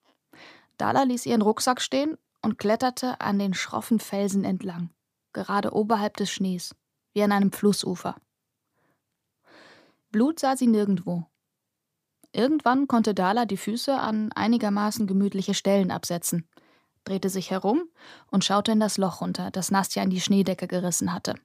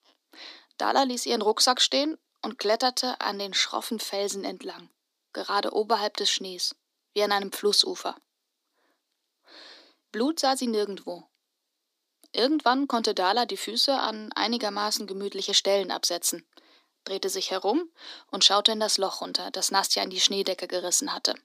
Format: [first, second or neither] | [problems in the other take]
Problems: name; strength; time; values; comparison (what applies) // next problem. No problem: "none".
first | thin; somewhat; fading below 250 Hz